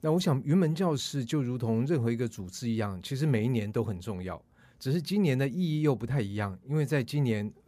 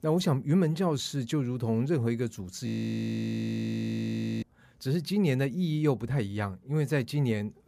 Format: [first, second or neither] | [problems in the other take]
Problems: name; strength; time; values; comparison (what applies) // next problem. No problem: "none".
first | audio freezing; at 2.5 s for 2 s